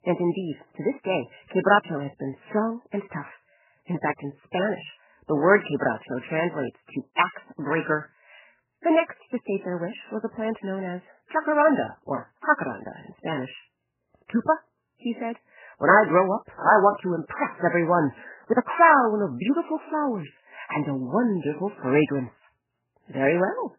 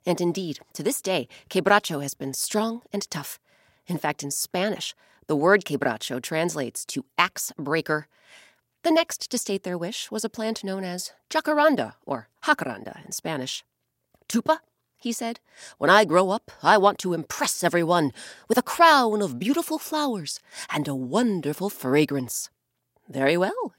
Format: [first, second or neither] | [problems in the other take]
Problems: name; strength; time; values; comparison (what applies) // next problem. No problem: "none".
second | garbled, watery; badly; nothing above 3 kHz